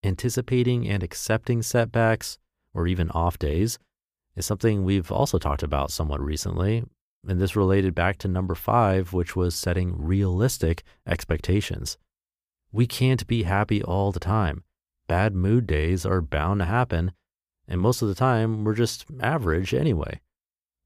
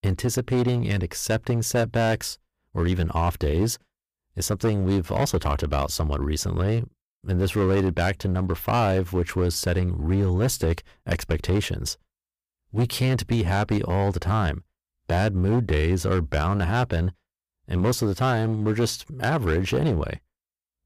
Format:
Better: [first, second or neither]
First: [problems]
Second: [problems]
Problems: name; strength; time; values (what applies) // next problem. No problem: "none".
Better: first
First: none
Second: distortion; slight; 10% of the sound clipped